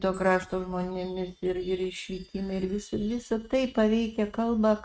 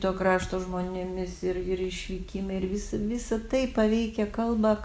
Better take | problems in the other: second | noise reduction (neural mask model RNNoise)

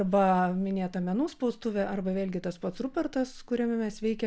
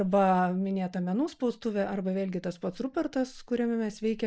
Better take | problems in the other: first | noise reduction (neural mask model Resemble Enhance denoiser)

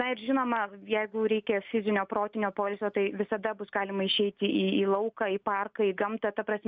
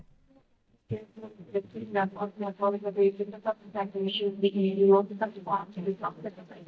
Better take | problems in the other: first | noise reduction (neural mask model DeepFilterNet 3)

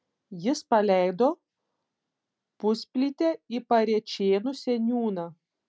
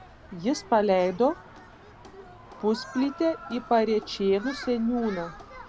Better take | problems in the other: first | background sound (Human group actions); 16 dB below the speech

